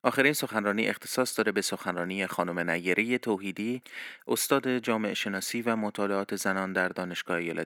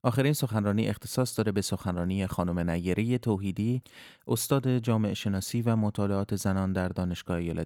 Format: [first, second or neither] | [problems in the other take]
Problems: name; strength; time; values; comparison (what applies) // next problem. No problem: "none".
second | thin; somewhat; fading below 250 Hz